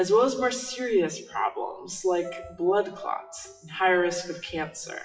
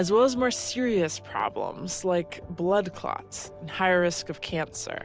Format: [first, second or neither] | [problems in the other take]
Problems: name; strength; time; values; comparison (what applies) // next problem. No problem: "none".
second | noise reduction (classical method WPE with log-MMSE)